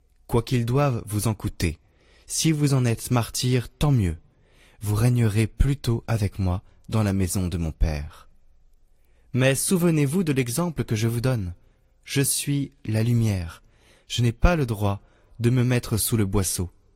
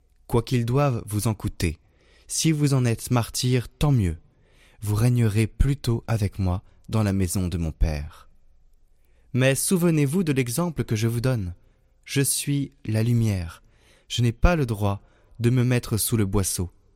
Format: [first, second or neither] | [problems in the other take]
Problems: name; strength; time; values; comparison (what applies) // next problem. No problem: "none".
second | garbled, watery; slightly; nothing above 16 kHz